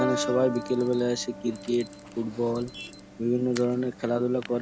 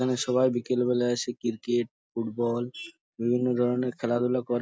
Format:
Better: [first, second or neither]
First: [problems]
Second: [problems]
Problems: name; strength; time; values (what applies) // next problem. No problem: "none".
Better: second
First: background sound (Alarm + Piano); 10 dB below the speech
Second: none